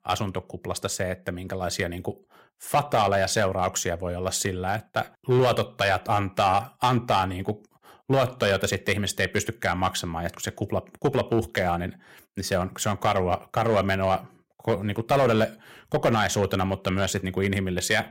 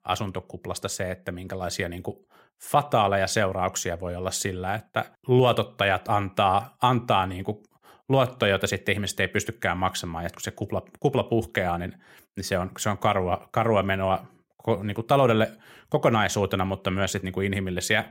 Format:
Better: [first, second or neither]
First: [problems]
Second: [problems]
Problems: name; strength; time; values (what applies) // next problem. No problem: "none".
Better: second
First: distortion; slight; 3% of the sound clipped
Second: none